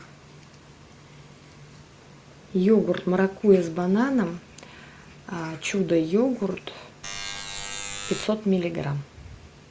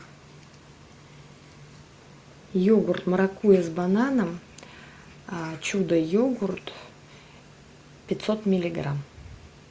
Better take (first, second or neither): second